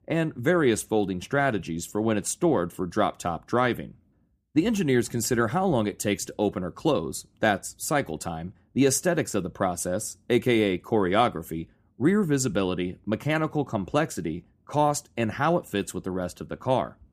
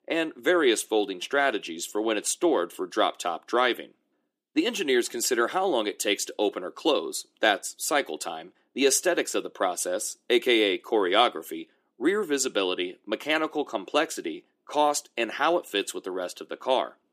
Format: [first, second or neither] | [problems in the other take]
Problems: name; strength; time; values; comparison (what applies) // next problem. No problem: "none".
first | thin; somewhat; fading below 350 Hz